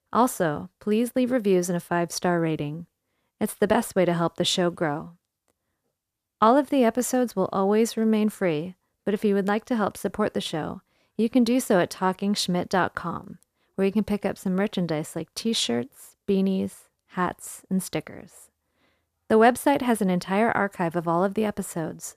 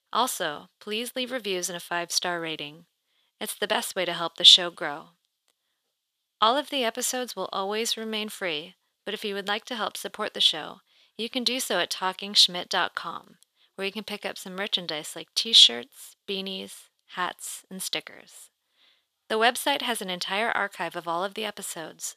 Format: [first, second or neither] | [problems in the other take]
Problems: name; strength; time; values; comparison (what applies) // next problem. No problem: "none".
first | thin; somewhat; fading below 1 kHz